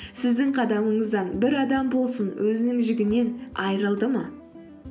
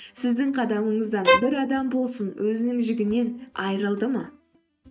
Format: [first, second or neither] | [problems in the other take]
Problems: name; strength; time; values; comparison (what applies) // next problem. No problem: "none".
first | noise reduction (neural mask model RNNoise)